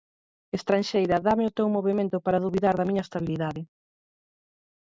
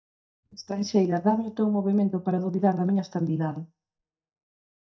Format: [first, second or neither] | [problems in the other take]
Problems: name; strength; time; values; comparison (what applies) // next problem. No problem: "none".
first | noise reduction (neural mask model DeepFilterNet 3)